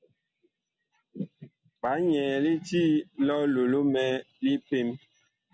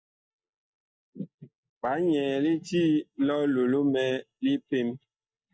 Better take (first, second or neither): first